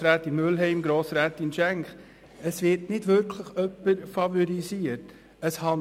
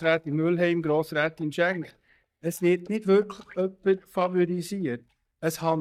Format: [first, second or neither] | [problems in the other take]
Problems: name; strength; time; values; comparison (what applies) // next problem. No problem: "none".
first | noise reduction (neural mask model DeepFilterNet 3)